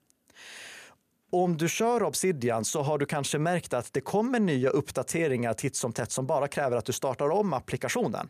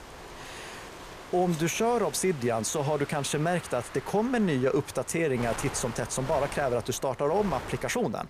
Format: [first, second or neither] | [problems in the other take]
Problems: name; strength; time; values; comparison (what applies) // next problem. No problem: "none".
first | wind noise on the microphone; occasional gusts; 10 dB below the speech